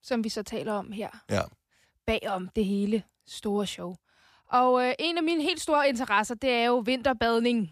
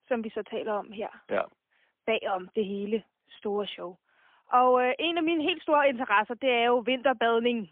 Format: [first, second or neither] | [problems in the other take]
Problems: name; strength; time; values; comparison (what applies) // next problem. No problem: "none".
first | phone-call audio; poor line; nothing above 3.5 kHz